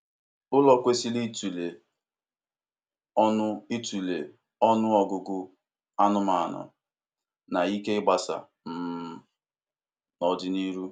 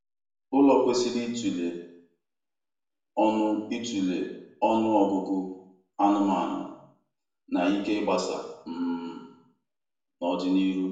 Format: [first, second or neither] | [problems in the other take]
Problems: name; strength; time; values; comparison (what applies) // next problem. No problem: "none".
first | room echo; dies away in 0.7 s